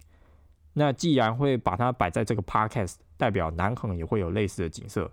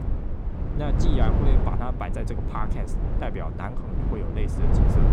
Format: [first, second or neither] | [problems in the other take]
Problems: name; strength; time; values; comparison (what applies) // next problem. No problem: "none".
first | low rumble; loud; throughout; 2 dB below the speech